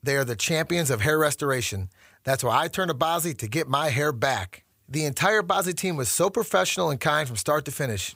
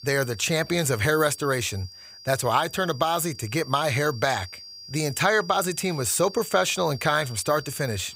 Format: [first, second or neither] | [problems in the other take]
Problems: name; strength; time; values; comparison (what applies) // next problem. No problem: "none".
first | high-pitched whine; noticeable; throughout; 4.5 kHz, 15 dB below the speech